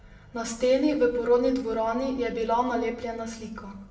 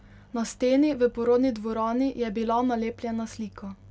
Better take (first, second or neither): second